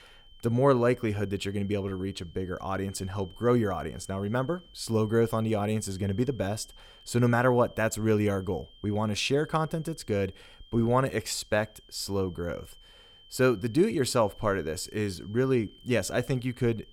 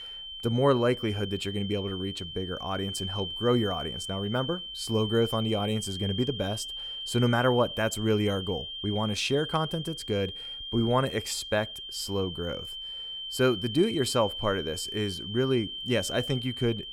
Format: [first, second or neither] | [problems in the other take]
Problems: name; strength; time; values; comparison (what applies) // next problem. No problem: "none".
first | high-pitched whine; loud; throughout; 3 kHz, 7 dB below the speech; faint in the first